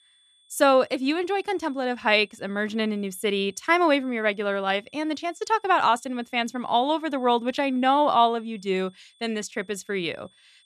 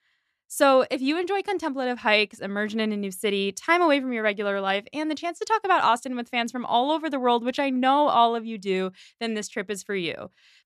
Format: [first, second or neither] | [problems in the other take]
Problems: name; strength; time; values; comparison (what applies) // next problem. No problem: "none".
second | high-pitched whine; faint; throughout; 3.5 kHz, 35 dB below the speech